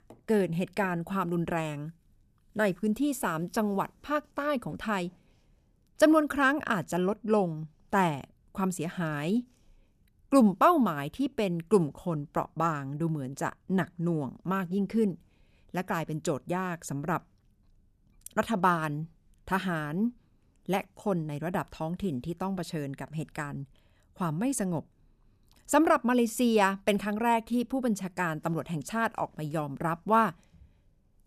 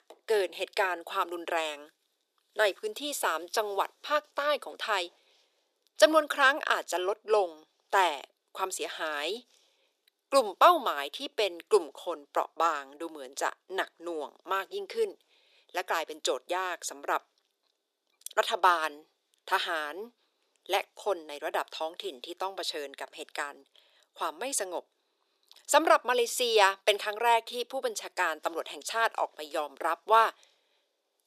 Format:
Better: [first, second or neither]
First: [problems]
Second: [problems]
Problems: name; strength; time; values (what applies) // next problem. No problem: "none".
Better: first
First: none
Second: thin; very; fading below 400 Hz